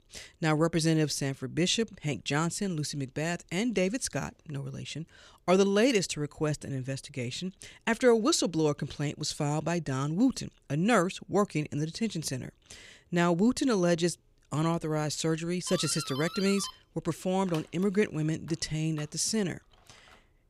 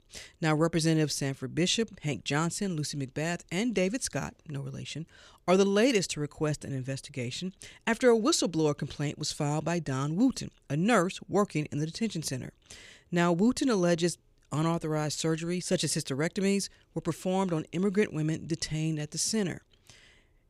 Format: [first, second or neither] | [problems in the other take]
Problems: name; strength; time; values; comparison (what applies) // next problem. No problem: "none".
second | doorbell; noticeable; from 16 s on; peak 8 dB below the speech